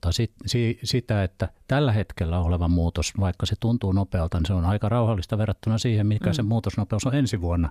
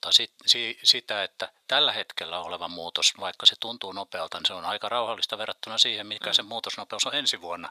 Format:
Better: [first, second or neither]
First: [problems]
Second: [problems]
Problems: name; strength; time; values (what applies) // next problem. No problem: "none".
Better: first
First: none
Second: thin; very; fading below 850 Hz